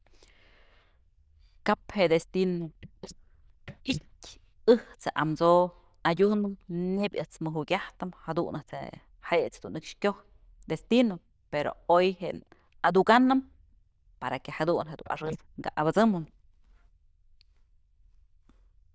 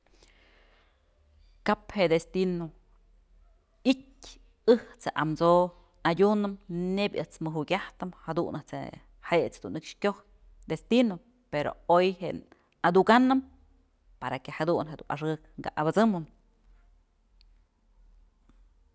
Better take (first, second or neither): second